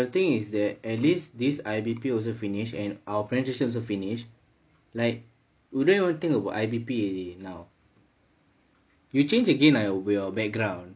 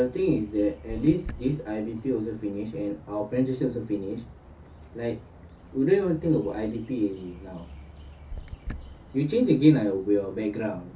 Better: first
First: none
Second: background sound (Bird); 16 dB below the speech // room echo; dies away in 0.3 s

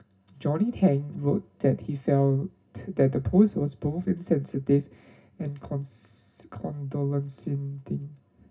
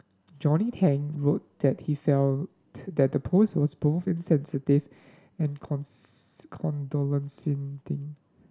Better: second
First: room echo; dies away in 0.4 s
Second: none

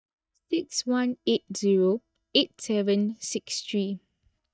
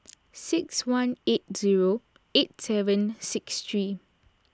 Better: second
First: noise reduction (neural mask model DeepFilterNet 3)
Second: none

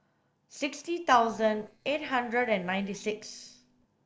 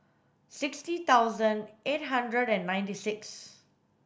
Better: second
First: noise reduction (neural separator model SepFormer DNS4)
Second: none

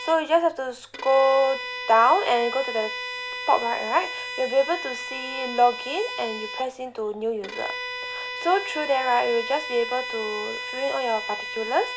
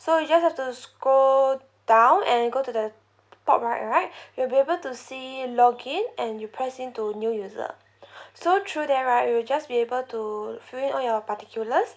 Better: second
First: background sound (Bowed string instrument); 9 dB below the speech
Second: none

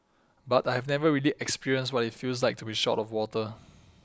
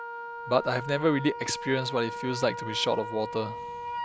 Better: first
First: none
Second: background sound (Wind instrument, woodwind instrument); 7 dB below the speech

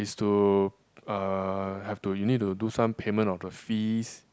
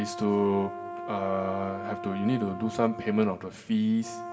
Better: first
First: none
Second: background sound (Brass instrument); 10 dB below the speech // room echo; dies away in 1.5 s

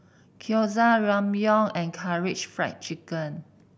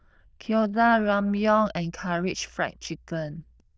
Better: first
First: none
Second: noise reduction (neural diffusion model UNIVERSE++)

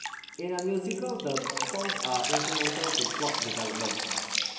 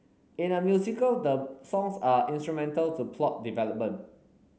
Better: second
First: background sound (Drip); 1 dB above the speech // room echo; dies away in 2.4 s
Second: none

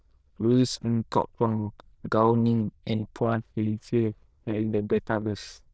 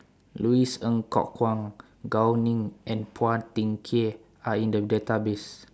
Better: second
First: noise reduction (neural diffusion model UNIVERSE++)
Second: none

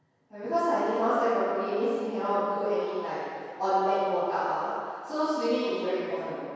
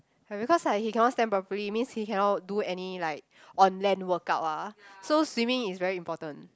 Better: second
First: room echo; dies away in 2.2 s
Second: none

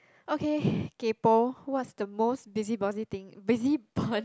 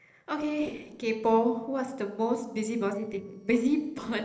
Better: first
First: none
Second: noise reduction (neural separator model SepFormer DNS4)

